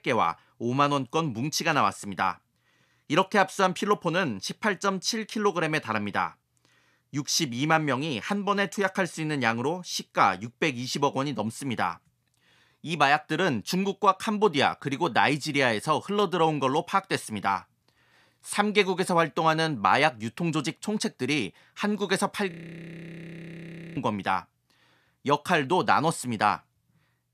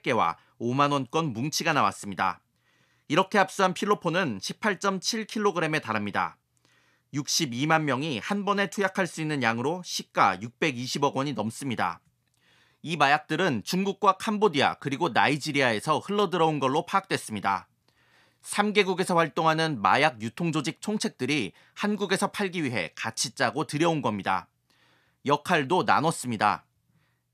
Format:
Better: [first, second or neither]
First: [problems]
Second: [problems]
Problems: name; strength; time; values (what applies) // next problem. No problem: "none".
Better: second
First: audio freezing; at 23 s for 1.5 s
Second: none